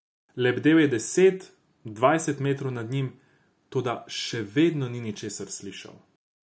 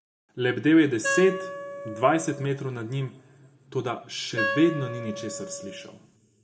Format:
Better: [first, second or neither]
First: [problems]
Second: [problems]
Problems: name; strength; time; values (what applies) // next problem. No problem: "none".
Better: first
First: none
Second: background sound (Wind instrument, woodwind instrument); 8 dB below the speech // room echo; dies away in 1.4 s